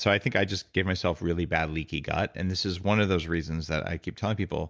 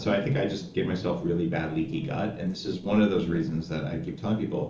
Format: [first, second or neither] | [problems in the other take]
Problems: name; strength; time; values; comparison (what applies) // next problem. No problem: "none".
first | noise reduction (neural separator model SepFormer DNS4)